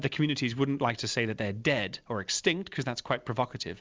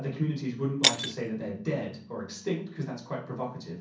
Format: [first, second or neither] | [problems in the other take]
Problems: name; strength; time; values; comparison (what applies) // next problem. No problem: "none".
first | background sound (Shatter); 2 dB below the speech // room echo; dies away in 0.6 s